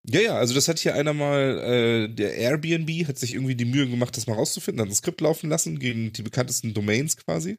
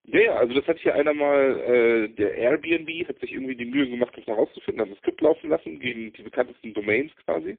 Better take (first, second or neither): first